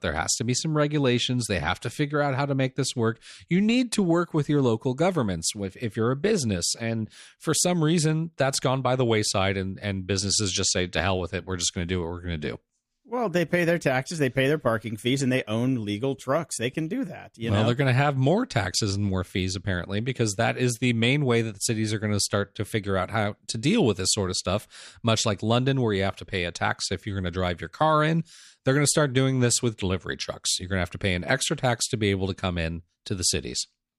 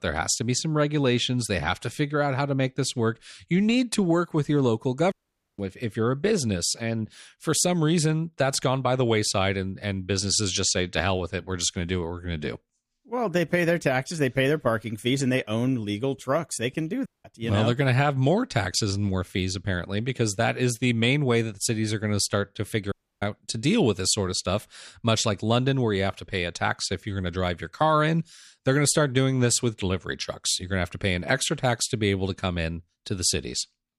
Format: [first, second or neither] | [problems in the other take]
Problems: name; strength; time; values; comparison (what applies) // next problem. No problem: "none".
first | audio cutting out; at 5 s, at 17 s and at 23 s